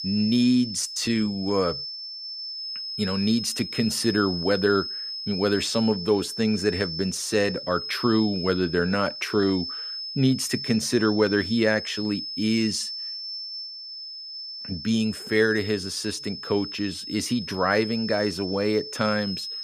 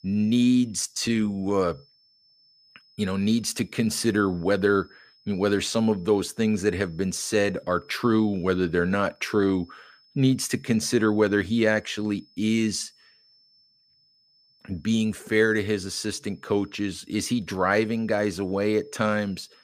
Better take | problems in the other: second | high-pitched whine; loud; throughout; 5 kHz, 7 dB below the speech; faint in the second

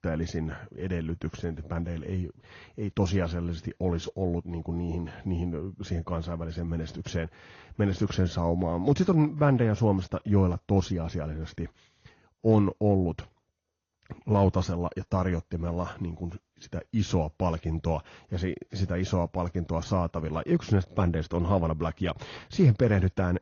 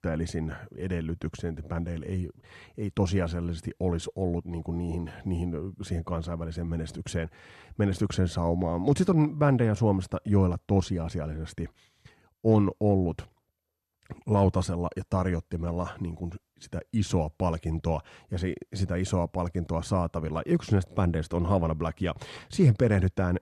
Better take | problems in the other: second | garbled, watery; slightly; nothing above 6.5 kHz

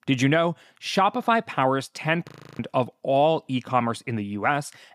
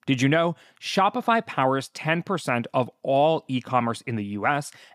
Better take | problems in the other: second | audio freezing; at 2.5 s

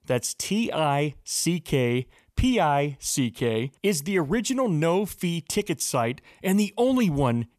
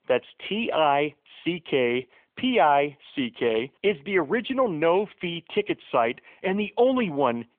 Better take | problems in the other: first | phone-call audio; nothing above 3.5 kHz

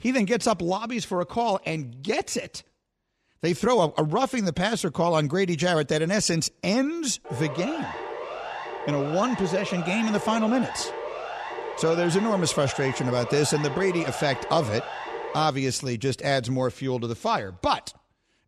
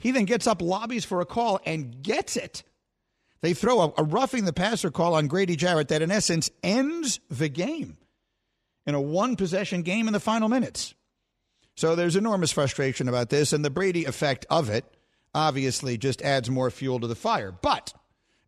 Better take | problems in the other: second | siren; noticeable; from 7.5 to 15 s; peak 8 dB below the speech

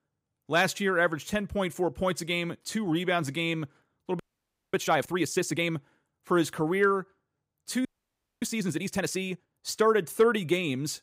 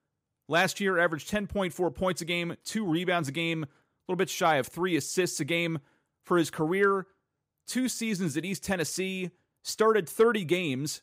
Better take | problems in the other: second | audio freezing; at 4 s for 0.5 s and at 8 s for 0.5 s

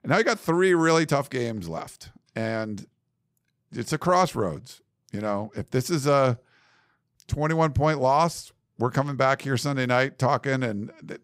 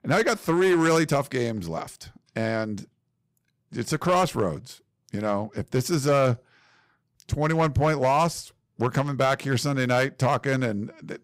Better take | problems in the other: first | distortion; slight; 5% of the sound clipped

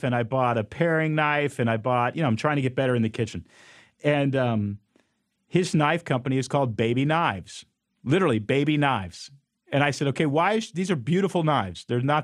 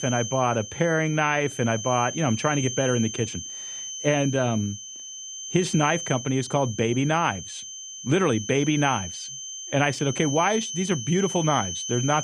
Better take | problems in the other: first | high-pitched whine; loud; throughout; 6 kHz, 8 dB below the speech

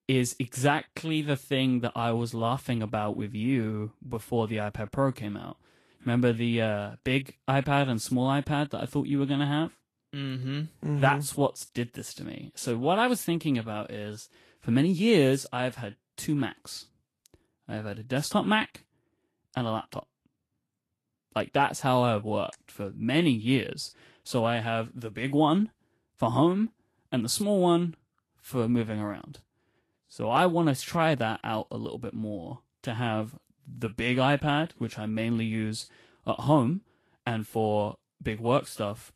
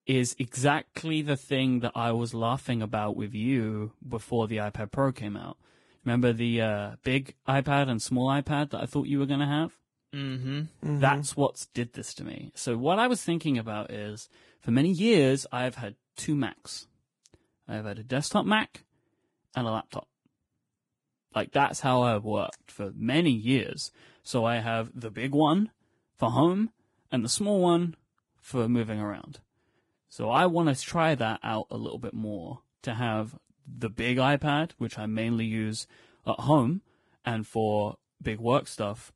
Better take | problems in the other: first | garbled, watery; badly; nothing above 10.5 kHz; slightly in the first

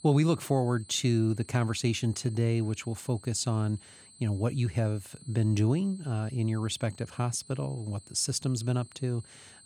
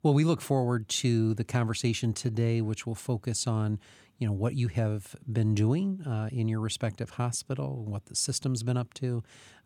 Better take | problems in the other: second | high-pitched whine; faint; throughout; 8 kHz, 20 dB below the speech

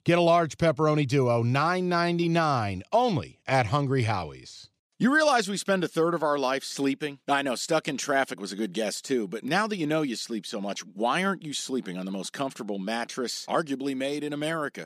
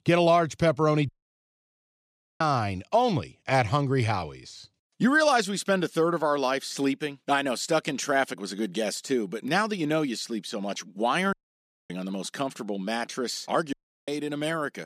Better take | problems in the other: first | audio cutting out; at 1 s for 1.5 s, at 11 s for 0.5 s and at 14 s

